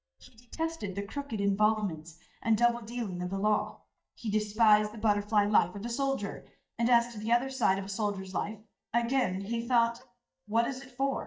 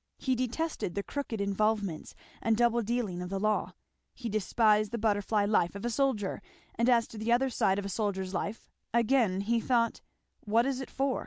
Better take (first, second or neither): second